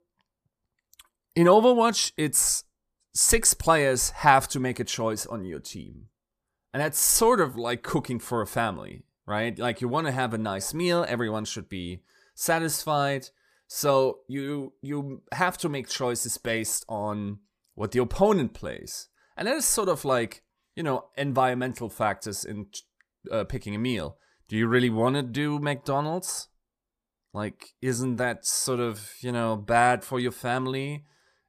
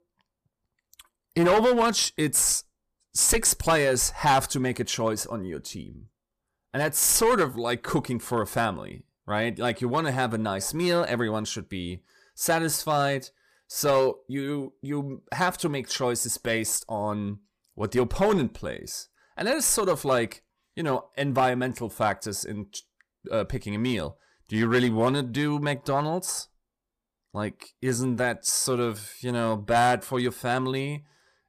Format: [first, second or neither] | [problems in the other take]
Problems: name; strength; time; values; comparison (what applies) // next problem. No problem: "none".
first | distortion; slight; 3% of the sound clipped